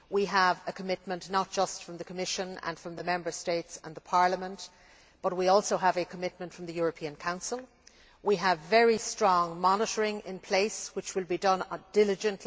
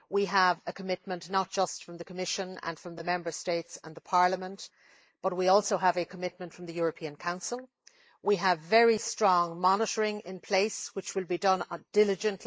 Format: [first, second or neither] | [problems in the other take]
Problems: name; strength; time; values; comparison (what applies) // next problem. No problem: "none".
first | noise reduction (neural mask model Resemble Enhance denoiser)